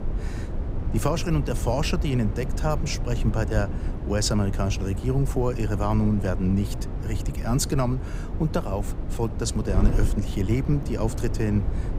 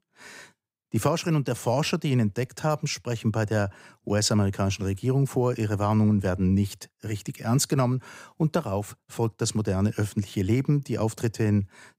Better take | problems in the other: second | wind noise on the microphone; heavy; 10 dB below the speech

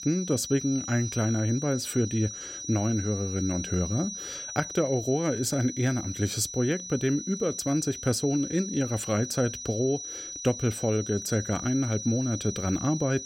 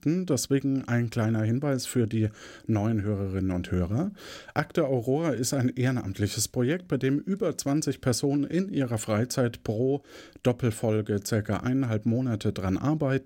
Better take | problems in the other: second | high-pitched whine; loud; throughout; 6 kHz, 8 dB below the speech

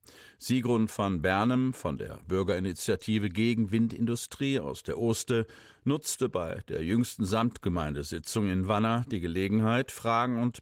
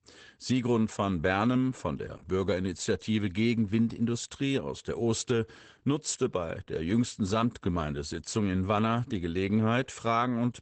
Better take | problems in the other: first | garbled, watery; badly; nothing above 8 kHz; slightly in the first

